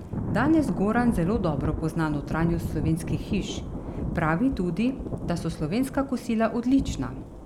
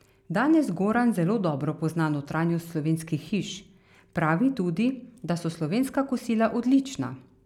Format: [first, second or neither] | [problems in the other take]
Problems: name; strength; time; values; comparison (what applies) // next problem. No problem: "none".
second | background sound (Thunder / Rain); 6 dB below the speech